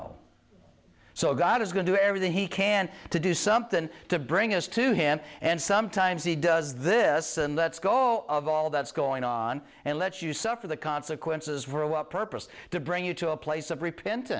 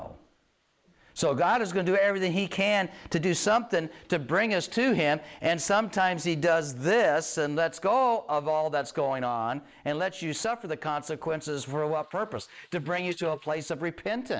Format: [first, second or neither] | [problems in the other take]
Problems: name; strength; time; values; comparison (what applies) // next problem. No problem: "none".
first | noise reduction (neural mask model Resemble Enhance denoiser)